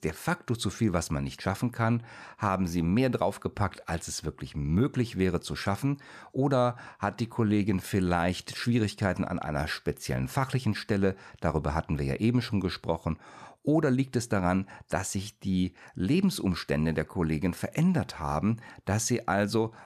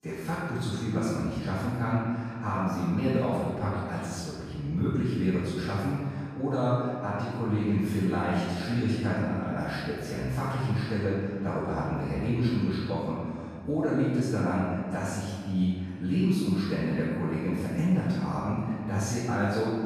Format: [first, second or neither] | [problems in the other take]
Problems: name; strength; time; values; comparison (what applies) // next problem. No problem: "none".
first | off-mic speech; far // room echo; strong; dies away in 1.9 s